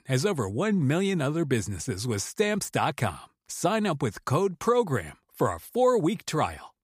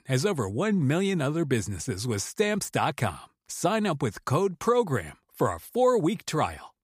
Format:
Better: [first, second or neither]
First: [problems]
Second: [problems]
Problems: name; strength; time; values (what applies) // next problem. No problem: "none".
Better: neither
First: none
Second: none